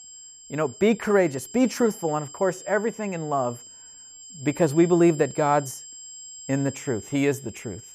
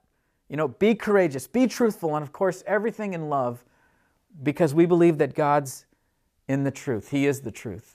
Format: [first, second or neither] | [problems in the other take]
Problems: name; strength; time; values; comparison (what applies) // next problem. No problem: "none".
second | high-pitched whine; noticeable; throughout; 7.5 kHz, 15 dB below the speech